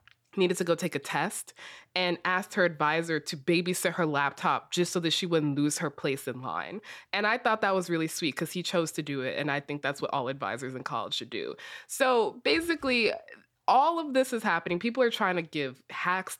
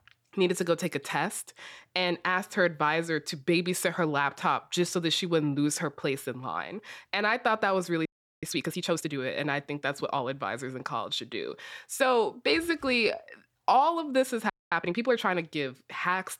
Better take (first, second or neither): first